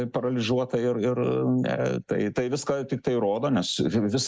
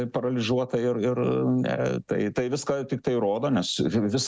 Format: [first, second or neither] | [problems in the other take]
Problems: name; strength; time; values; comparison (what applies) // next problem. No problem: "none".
second | noise reduction (neural mask model Resemble Enhance denoiser)